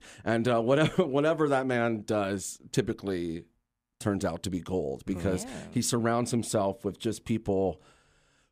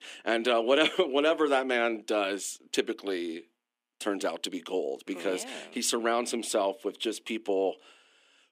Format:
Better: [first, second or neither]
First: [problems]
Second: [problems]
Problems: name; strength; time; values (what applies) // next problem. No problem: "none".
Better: first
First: none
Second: thin; somewhat; fading below 300 Hz